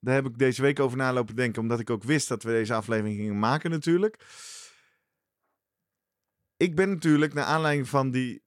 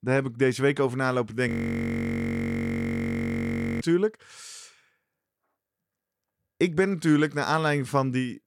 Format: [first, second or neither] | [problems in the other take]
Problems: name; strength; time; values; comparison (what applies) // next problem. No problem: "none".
first | audio freezing; at 1.5 s for 2.5 s